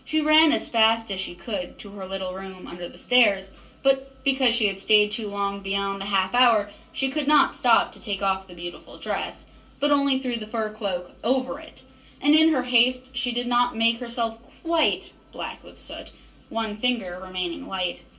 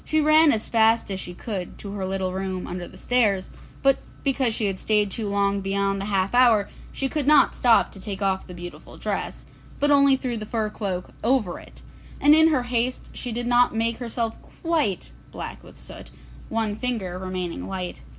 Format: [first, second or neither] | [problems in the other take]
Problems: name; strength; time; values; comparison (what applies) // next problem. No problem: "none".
second | room echo; dies away in 0.2 s